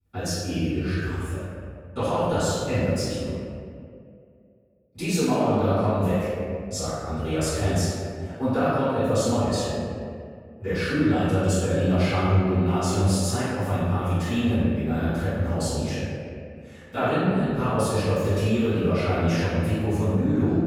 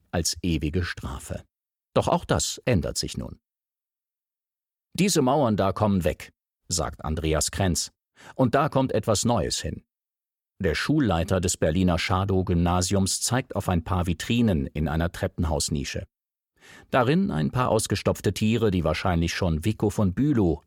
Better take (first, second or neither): second